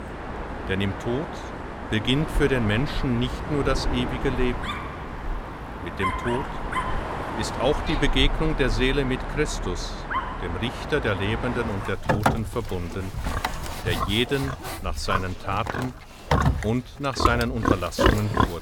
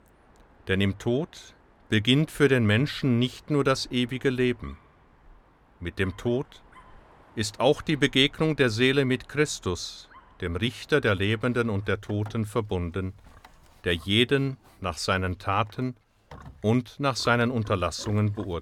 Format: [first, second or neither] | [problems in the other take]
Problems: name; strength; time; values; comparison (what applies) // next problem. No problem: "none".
second | animal sounds; loud; throughout; 2 dB below the speech; faint in the second